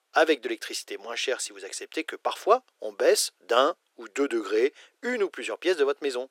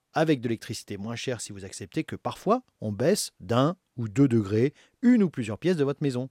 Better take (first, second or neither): second